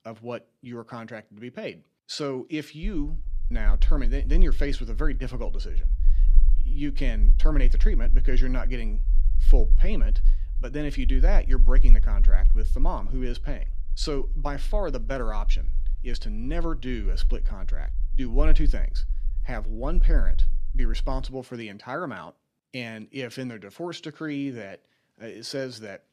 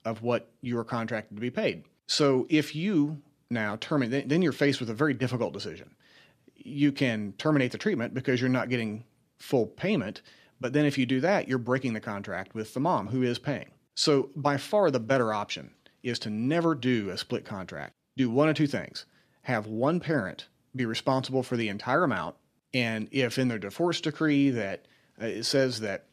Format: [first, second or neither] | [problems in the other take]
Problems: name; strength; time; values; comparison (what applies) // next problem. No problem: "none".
second | low rumble; noticeable; from 3 to 21 s; 20 dB below the speech